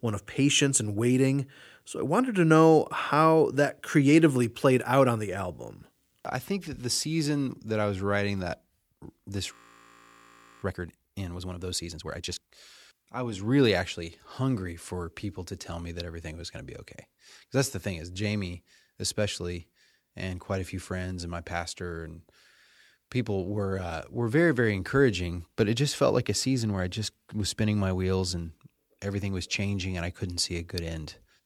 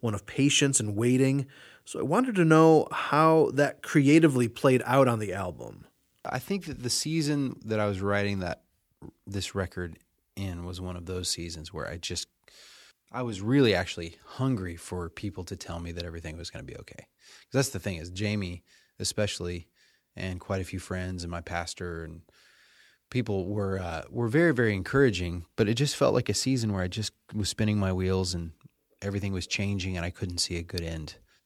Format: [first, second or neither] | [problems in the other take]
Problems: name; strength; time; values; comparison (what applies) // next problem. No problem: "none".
second | audio freezing; at 9.5 s for 1 s